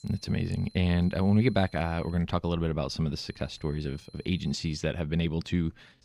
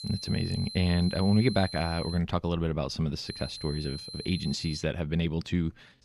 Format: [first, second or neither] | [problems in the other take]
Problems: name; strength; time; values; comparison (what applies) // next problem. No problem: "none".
first | high-pitched whine; loud; until 2 s and from 3.5 to 5 s; 4 kHz, 10 dB below the speech; faint in the first